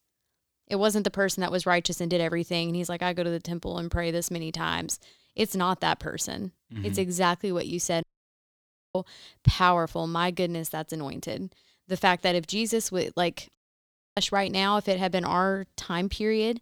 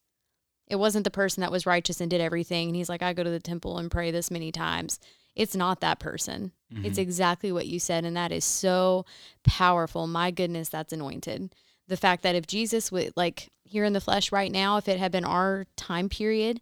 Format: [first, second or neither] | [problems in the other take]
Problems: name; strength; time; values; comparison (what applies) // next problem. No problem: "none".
second | audio cutting out; at 8 s for 1 s and at 14 s for 0.5 s